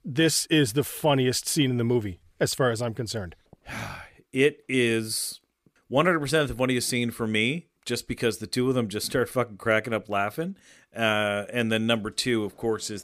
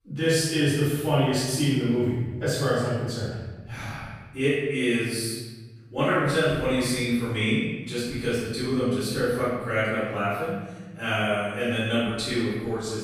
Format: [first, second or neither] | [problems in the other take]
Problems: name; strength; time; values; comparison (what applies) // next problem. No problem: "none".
first | off-mic speech; far // room echo; strong; dies away in 1.3 s